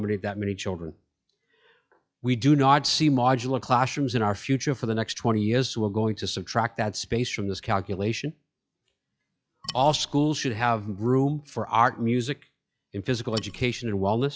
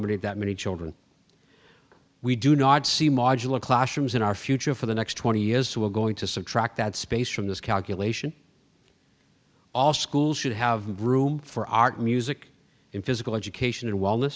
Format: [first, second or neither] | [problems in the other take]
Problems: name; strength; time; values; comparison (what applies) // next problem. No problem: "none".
second | noise reduction (classical method log-MMSE)